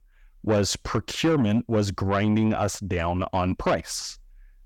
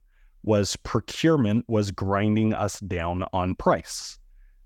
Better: second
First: distortion; slight; 10 dB below the speech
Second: none

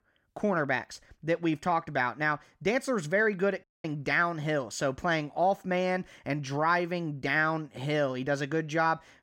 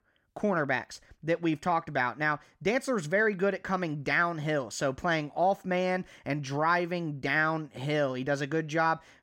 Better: second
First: audio cutting out; at 3.5 s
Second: none

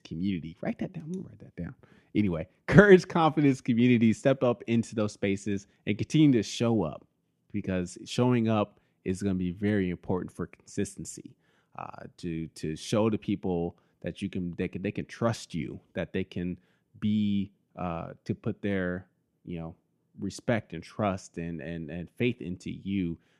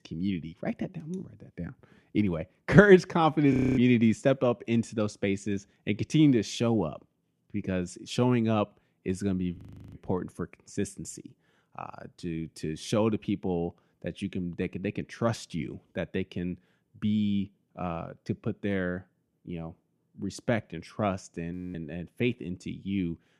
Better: first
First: none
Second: audio freezing; at 3.5 s, at 9.5 s and at 22 s

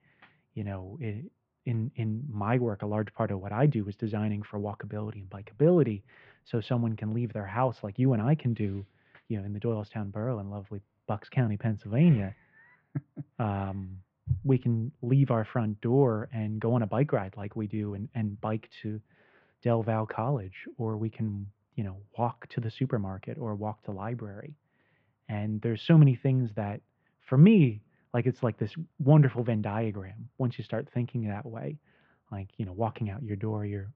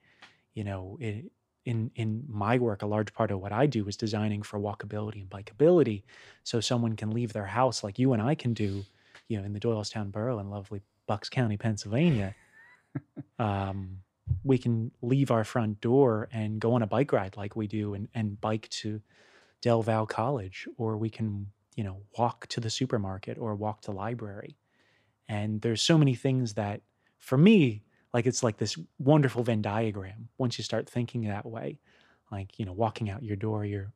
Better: second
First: muffled; very; fading above 2.5 kHz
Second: none

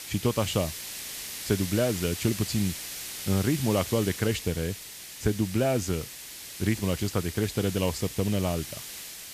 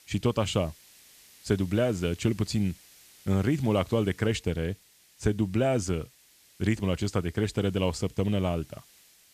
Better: second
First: hiss; loud; throughout; 8 dB below the speech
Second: hiss; faint; throughout; 25 dB below the speech

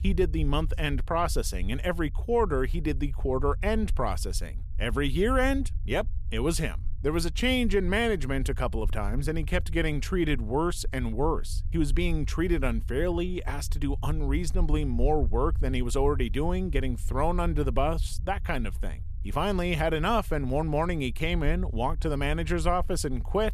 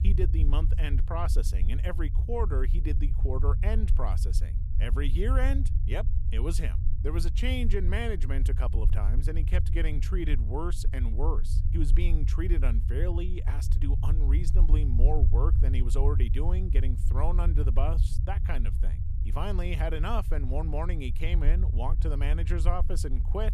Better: first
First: low rumble; faint; throughout; 25 dB below the speech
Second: low rumble; loud; throughout; 9 dB below the speech

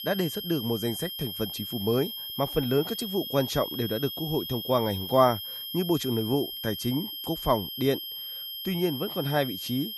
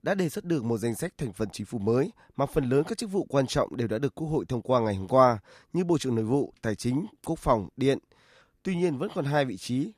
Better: second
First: high-pitched whine; loud; throughout; 3 kHz, 6 dB below the speech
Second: none

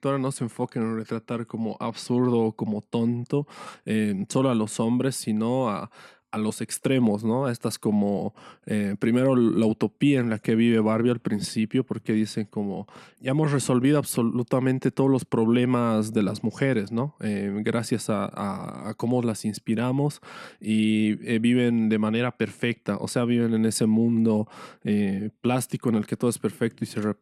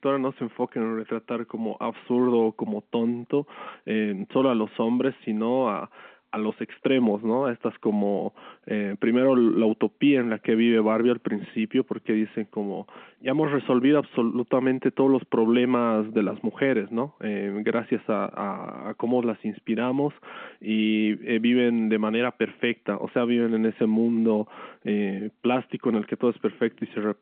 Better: first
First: none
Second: phone-call audio

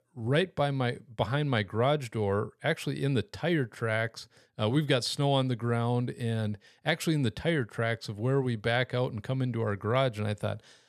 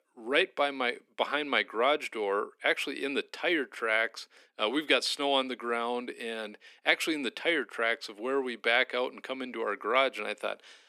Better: first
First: none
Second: thin; somewhat; fading below 250 Hz

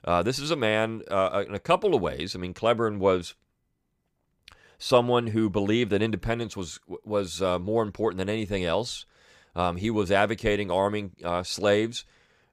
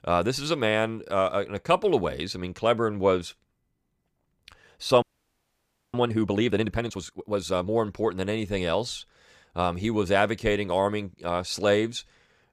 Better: first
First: none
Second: audio freezing; at 5 s for 1 s

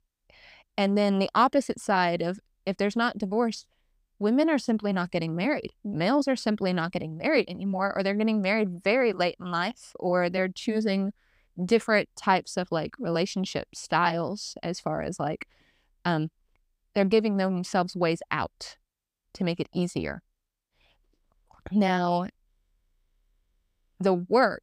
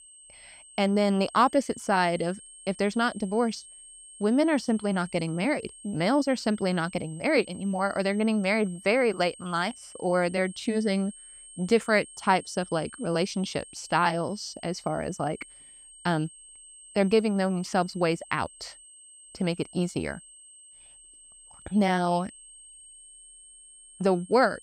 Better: first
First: none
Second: high-pitched whine; noticeable; throughout; 8.5 kHz, 20 dB below the speech

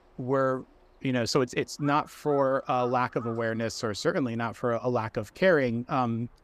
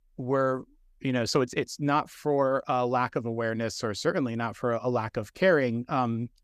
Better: second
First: animal sounds; noticeable; throughout; 20 dB below the speech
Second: none

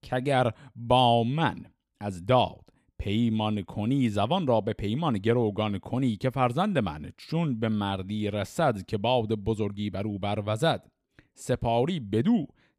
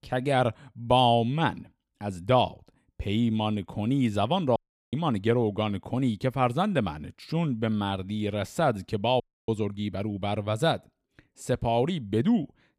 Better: first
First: none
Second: audio cutting out; at 4.5 s and at 9 s

